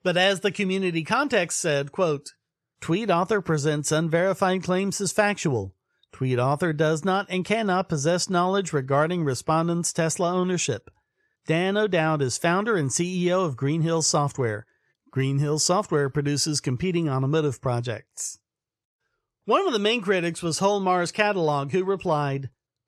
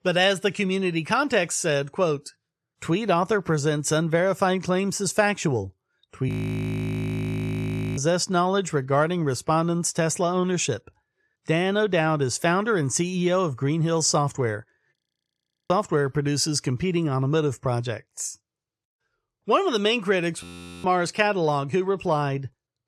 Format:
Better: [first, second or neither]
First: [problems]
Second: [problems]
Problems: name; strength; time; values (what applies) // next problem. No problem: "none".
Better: first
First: none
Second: audio freezing; at 6.5 s for 1.5 s, at 15 s for 0.5 s and at 20 s